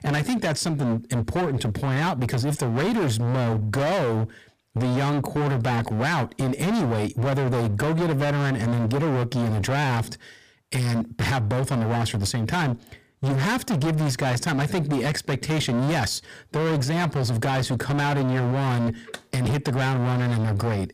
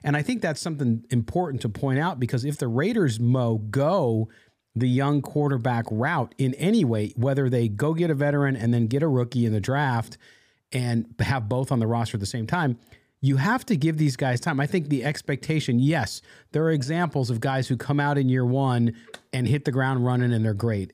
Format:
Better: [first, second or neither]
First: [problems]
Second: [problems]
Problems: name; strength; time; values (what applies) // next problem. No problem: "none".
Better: second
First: distortion; heavy; 40% of the sound clipped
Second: none